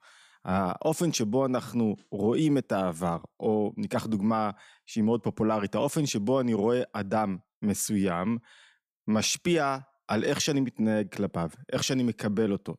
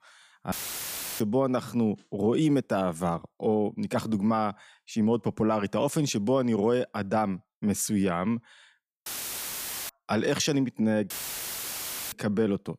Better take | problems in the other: first | audio cutting out; filled with static; at 0.5 s for 0.5 s, at 9 s for 1 s and at 11 s for 1 s

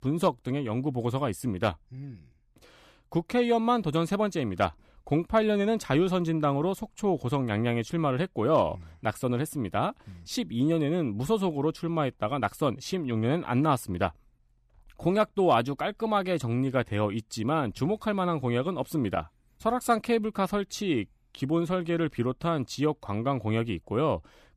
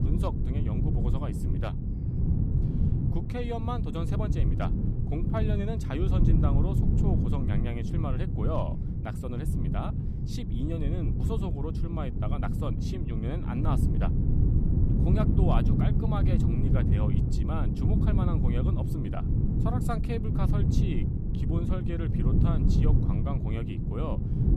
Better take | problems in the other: first | wind noise on the microphone; heavy; as loud as the speech

